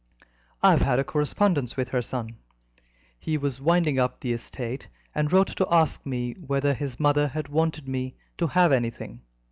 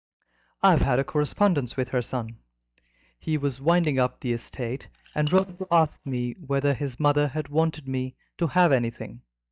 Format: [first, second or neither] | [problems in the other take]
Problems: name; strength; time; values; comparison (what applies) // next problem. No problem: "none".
first | noise reduction (neural mask model DeepFilterNet 3)